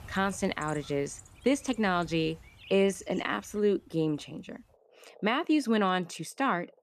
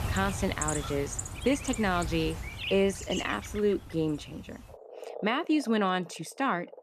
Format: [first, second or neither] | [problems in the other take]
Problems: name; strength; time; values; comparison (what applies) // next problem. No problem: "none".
first | animal sounds; loud; throughout; 8 dB below the speech; faint in the first